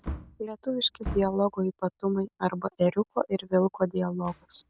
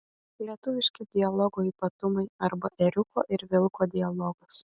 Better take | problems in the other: second | background sound (Wood); 14 dB below the speech

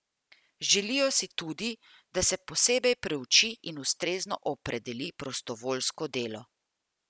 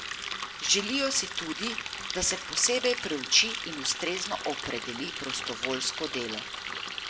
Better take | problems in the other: first | background sound (Water tap, faucet); 5 dB below the speech // room echo; dies away in 0.3 s

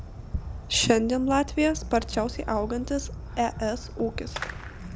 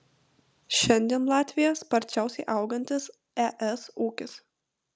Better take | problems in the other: second | background sound (Fireworks); 9 dB below the speech

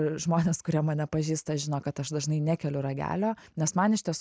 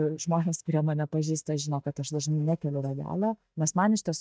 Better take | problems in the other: first | noise reduction (neural mask model DeepFilterNet 3)

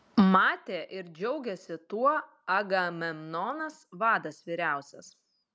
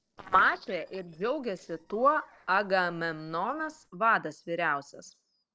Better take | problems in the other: first | noise reduction (neural separator model SepFormer DNS4)

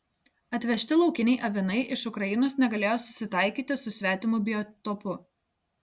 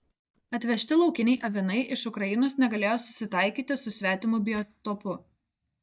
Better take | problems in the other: first | noise reduction (neural mask model DeepFilterNet 3)

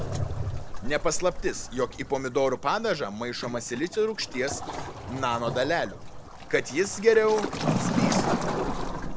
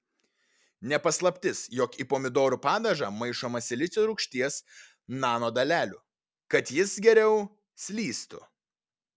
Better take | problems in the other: second | background sound (Waves, surf); 3 dB below the speech

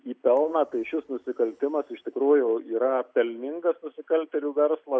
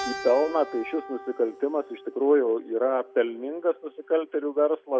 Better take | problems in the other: first | background sound (Keyboard (musical)); 16 dB below the speech

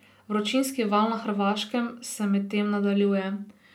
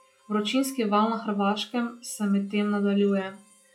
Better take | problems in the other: first | noise reduction (classical method log-MMSE)

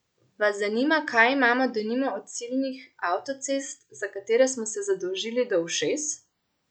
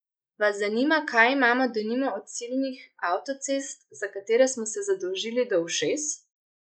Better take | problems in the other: first | noise reduction (neural mask model Resemble Enhance denoiser)

